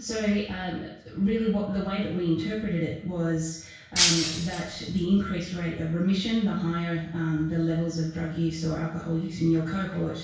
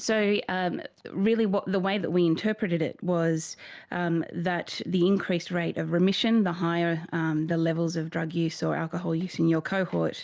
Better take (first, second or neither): second